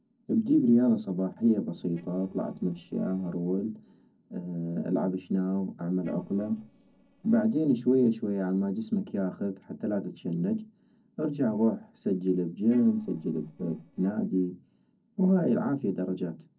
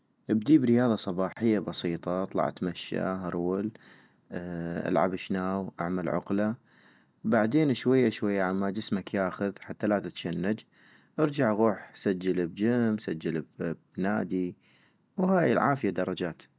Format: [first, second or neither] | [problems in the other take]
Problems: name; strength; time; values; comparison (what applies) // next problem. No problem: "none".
second | noise reduction (neural separator model SepFormer DNS4)